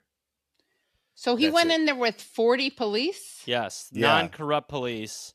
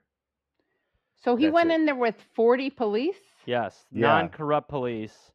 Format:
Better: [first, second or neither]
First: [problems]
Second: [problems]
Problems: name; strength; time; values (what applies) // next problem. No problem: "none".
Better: first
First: none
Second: muffled; very; fading above 3.5 kHz